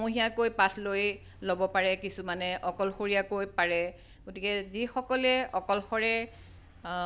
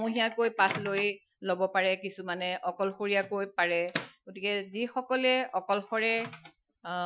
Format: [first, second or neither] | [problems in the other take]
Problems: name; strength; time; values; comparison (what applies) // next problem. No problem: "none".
first | noise reduction (classical method Wiener filter)